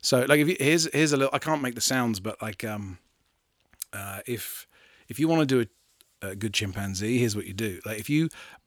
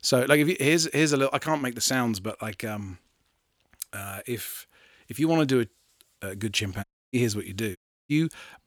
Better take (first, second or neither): first